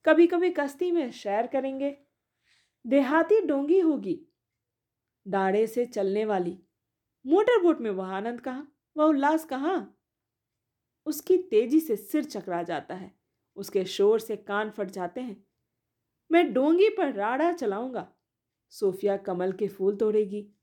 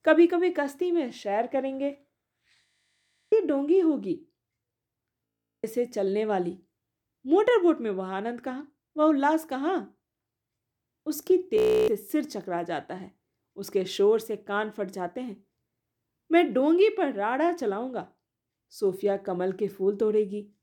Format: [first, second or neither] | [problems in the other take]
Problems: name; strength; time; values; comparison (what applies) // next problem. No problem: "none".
first | audio freezing; at 2.5 s for 0.5 s, at 5.5 s and at 12 s